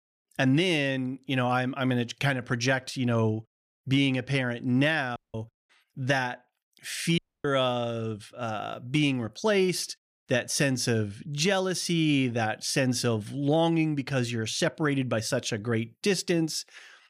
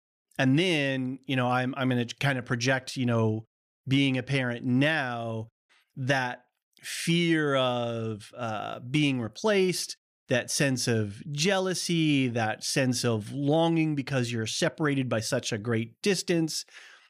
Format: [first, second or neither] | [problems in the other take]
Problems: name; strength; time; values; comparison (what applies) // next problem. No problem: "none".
second | audio cutting out; at 5 s and at 7 s